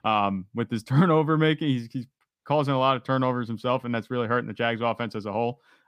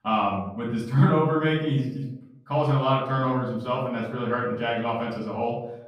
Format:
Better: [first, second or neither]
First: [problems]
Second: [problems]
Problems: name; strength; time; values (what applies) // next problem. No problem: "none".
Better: first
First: none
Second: off-mic speech; far // room echo; noticeable; dies away in 0.6 s